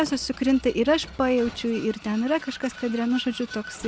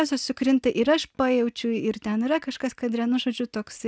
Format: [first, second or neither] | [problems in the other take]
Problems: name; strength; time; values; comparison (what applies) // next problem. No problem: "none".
second | background sound (Vehicle); 17 dB below the speech